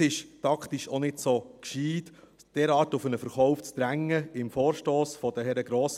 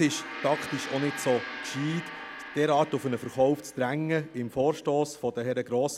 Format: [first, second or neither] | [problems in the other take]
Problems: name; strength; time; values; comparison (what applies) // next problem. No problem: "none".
first | background sound (Gong); 13 dB below the speech